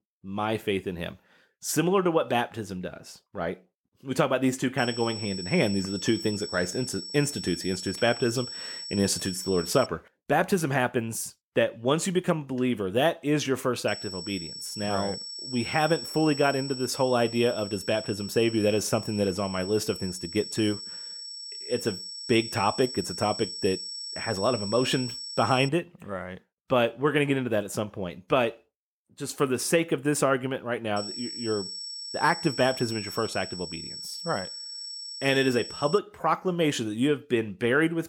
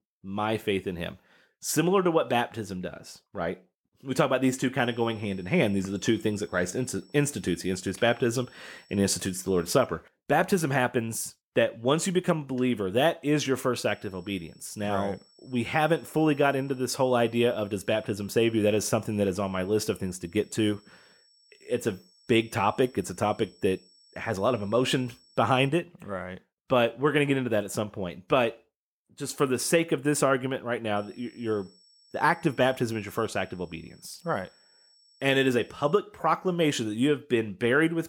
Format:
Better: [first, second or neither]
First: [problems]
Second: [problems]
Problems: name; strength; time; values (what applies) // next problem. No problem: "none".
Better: second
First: high-pitched whine; loud; from 5 to 10 s, from 14 to 26 s and from 31 to 36 s; 5.5 kHz, 8 dB below the speech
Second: high-pitched whine; faint; from 5 to 10 s, from 14 to 26 s and from 31 to 36 s; 5.5 kHz, 30 dB below the speech